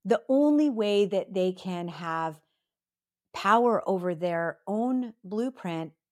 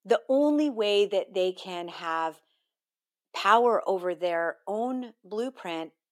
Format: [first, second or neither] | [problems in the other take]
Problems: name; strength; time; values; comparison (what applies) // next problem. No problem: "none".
first | thin; very slightly; fading below 300 Hz